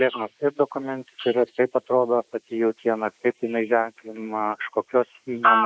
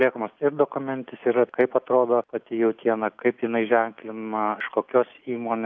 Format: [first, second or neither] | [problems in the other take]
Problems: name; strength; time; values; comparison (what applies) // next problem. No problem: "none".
second | noise reduction (neural mask model Resemble Enhance denoiser)